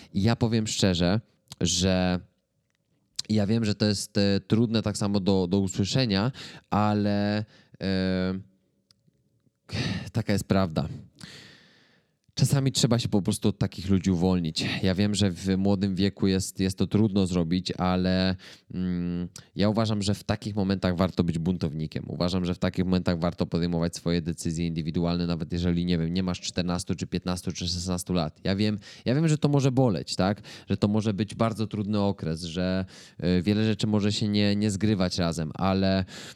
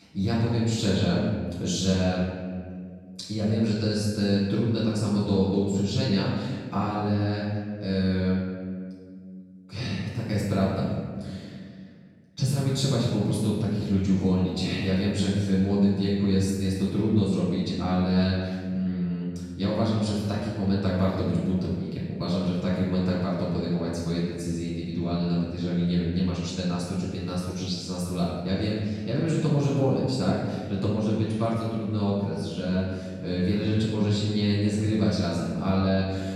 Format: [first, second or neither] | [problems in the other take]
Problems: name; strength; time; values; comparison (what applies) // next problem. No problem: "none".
first | room echo; strong; dies away in 1.8 s // off-mic speech; far